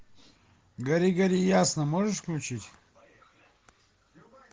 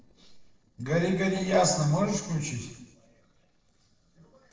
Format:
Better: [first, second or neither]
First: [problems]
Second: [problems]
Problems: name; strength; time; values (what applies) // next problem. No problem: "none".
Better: first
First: none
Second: noise reduction (neural separator model SepFormer DNS4)